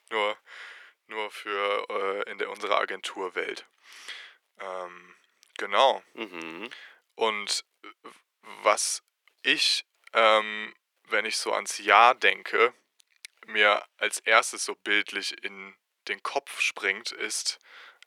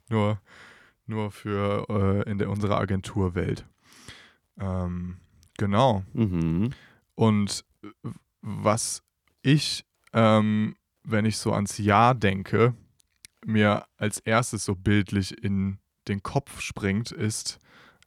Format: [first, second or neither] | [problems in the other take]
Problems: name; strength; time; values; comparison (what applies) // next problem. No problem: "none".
second | thin; very; fading below 400 Hz